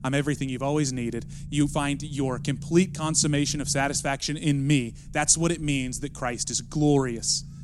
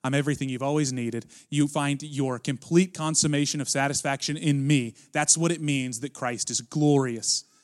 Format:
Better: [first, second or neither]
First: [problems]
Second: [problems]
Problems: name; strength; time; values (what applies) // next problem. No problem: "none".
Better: second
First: low rumble; faint; throughout; 25 dB below the speech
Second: none